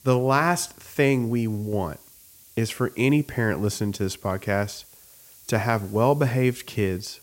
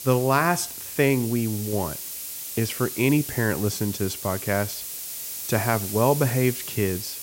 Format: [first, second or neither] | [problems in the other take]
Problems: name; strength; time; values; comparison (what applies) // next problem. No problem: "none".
first | hiss; loud; throughout; 7 dB below the speech; faint in the first